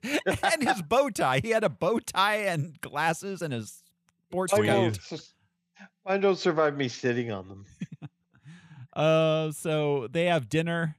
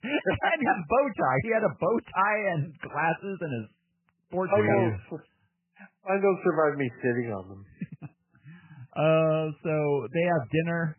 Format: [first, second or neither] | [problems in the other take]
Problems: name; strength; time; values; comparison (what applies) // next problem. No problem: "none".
first | garbled, watery; badly; nothing above 3 kHz